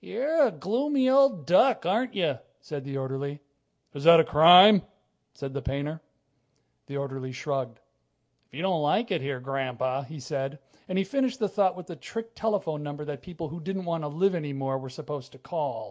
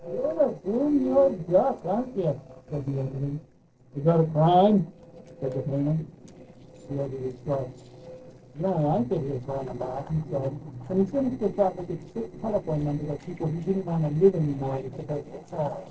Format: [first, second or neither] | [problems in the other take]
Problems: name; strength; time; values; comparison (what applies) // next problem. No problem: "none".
first | noise reduction (neural separator model SepFormer DNS4)